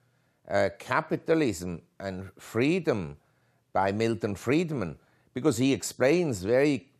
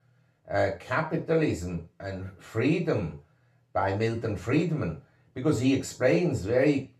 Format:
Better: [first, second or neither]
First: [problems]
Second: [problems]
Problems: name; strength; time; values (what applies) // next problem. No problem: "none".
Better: first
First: none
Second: room echo; slight; dies away in 0.3 s // off-mic speech; far